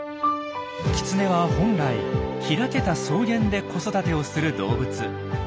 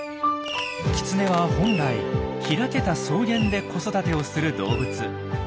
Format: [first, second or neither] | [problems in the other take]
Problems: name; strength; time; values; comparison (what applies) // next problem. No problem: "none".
first | background sound (Fireworks); 15 dB below the speech